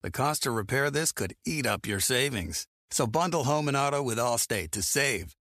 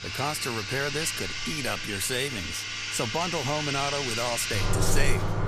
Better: first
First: none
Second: household noises; very loud; throughout; as loud as the speech

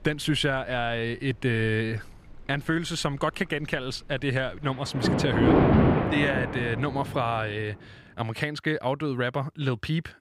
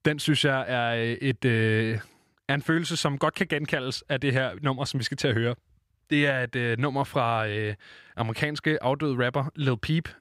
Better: second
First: rain or running water; very loud; until 8 s; 4 dB above the speech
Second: none

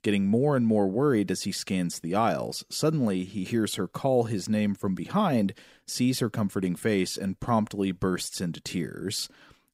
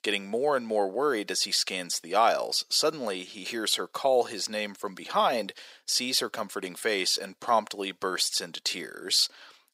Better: first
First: none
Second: thin; very; fading below 650 Hz

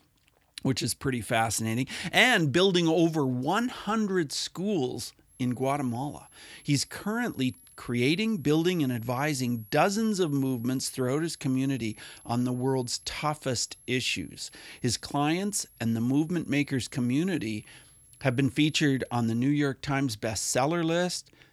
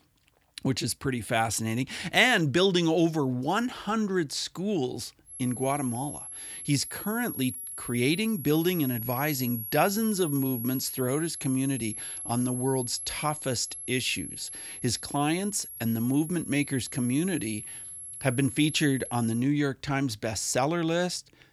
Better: first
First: high-pitched whine; faint; from 5.5 to 19 s; 11 kHz, 25 dB below the speech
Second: high-pitched whine; loud; from 5.5 to 19 s; 11 kHz, 8 dB below the speech

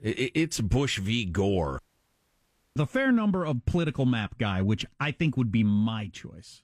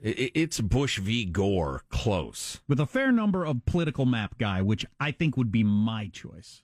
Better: second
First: audio cutting out; at 2 s for 1 s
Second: none

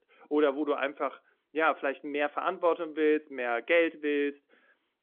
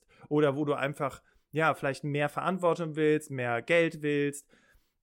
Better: second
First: phone-call audio; nothing above 3.5 kHz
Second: none

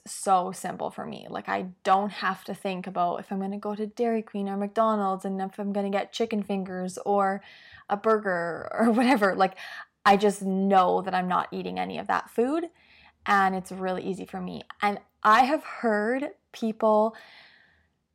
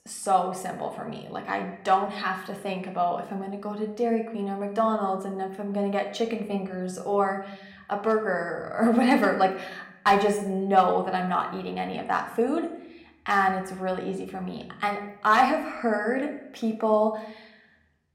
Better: first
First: none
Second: room echo; slight; dies away in 0.7 s

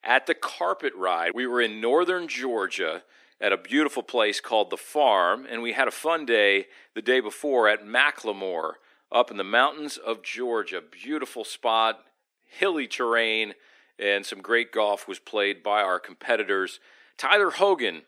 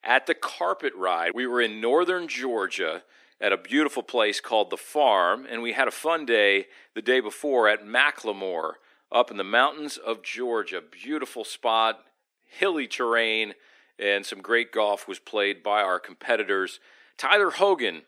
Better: neither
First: thin; somewhat; fading below 300 Hz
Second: thin; somewhat; fading below 300 Hz

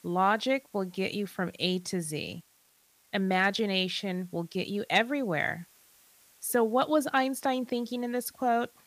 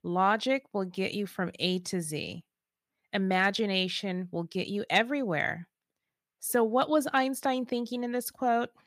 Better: second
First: hiss; faint; throughout; 30 dB below the speech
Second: none

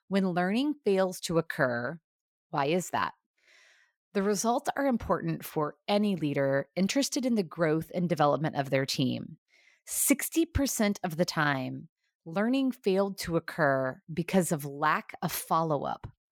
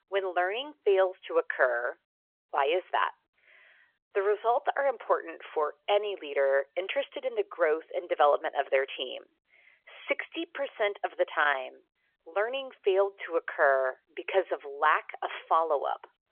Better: first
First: none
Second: phone-call audio; nothing above 3.5 kHz

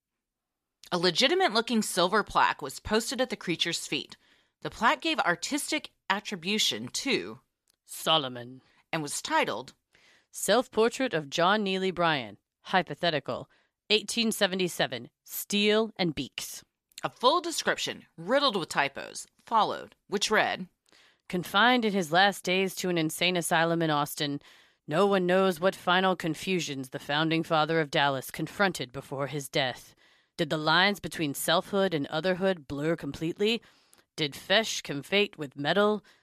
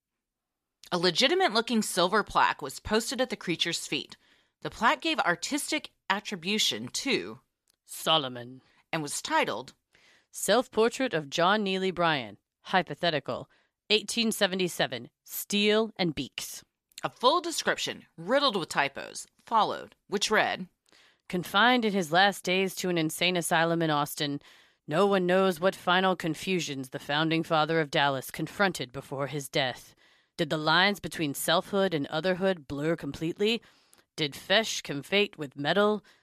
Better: neither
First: none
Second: none

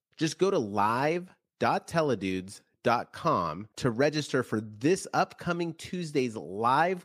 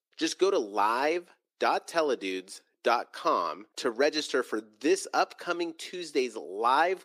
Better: first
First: none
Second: thin; somewhat; fading below 350 Hz

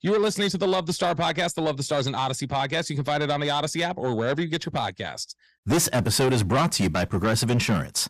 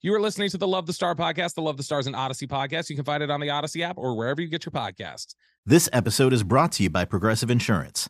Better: second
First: distortion; heavy; 7 dB below the speech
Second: none

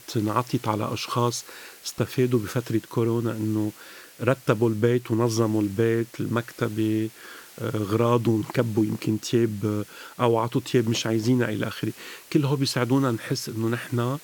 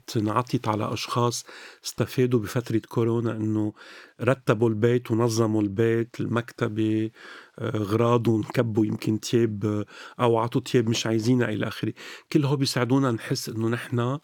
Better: second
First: hiss; faint; throughout; 20 dB below the speech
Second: none

